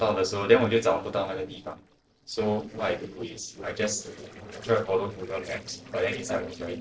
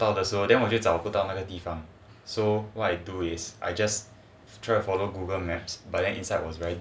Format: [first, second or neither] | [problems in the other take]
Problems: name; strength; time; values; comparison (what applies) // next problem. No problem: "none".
second | noise reduction (neural separator model SepFormer DNS4)